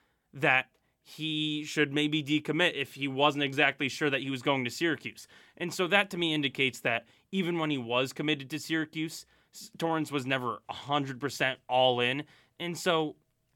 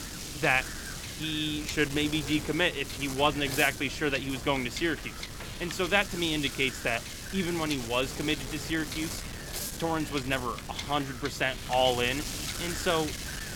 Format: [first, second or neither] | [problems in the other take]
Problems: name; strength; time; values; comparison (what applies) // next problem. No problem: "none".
first | wind noise on the microphone; heavy; 9 dB below the speech